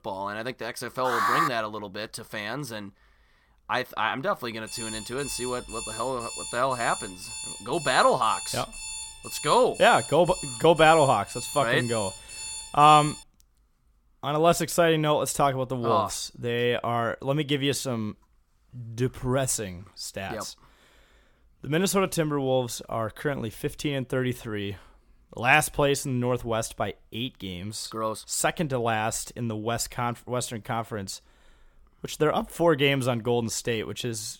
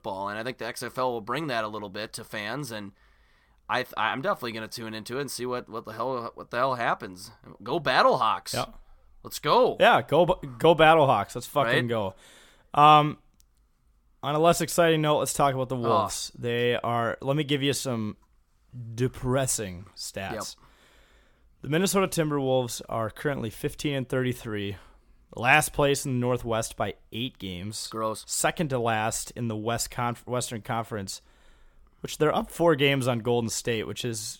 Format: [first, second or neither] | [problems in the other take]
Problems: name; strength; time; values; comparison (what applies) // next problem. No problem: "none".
second | alarm; loud; at 1 s; peak 2 dB above the speech // alarm; noticeable; from 4.5 to 13 s; peak 8 dB below the speech